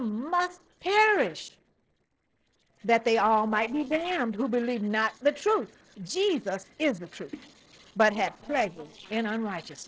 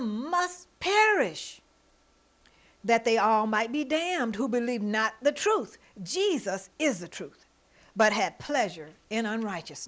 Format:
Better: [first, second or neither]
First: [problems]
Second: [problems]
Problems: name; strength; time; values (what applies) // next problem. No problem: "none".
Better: second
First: noise reduction (neural separator model SepFormer DNS4)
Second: none